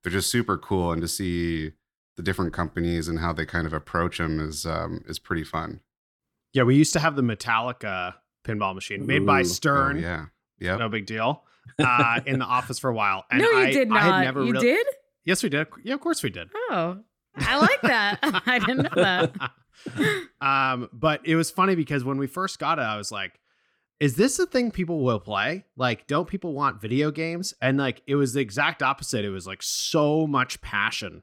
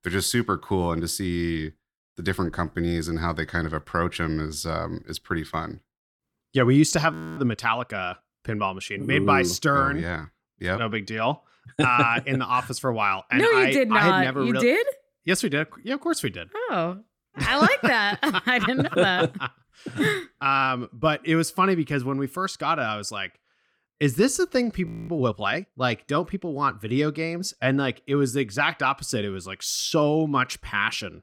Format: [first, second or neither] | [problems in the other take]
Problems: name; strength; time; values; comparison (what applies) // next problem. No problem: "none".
first | audio freezing; at 7 s and at 25 s